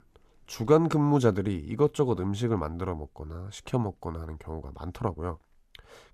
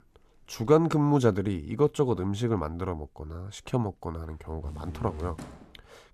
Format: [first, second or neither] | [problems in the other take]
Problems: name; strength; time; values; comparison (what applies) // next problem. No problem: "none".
first | door banging; faint; from 4.5 s on; peak 10 dB below the speech